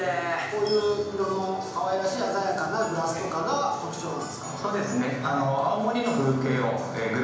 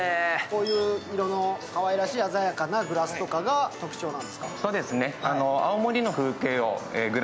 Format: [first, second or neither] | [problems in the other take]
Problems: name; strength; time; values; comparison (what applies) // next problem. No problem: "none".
second | room echo; dies away in 1 s